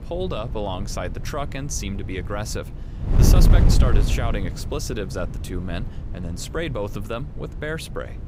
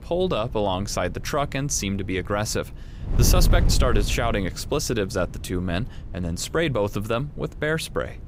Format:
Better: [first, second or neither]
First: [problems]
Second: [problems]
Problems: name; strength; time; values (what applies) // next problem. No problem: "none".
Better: second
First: wind noise on the microphone; heavy; 6 dB below the speech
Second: wind noise on the microphone; occasional gusts; 15 dB below the speech